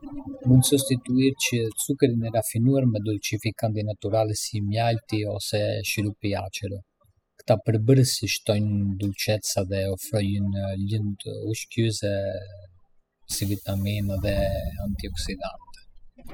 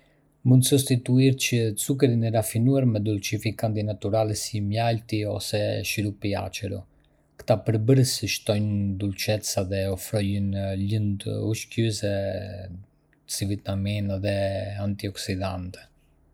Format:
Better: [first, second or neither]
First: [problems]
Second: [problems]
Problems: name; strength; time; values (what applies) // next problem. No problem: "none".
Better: second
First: noise reduction (classical method spectral subtraction)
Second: none